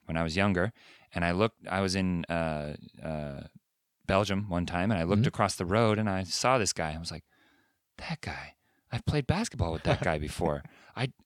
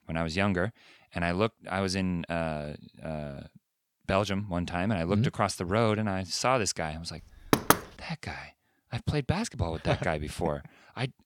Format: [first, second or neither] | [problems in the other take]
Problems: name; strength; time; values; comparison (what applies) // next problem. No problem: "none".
first | door banging; loud; at 7.5 s; peak 6 dB above the speech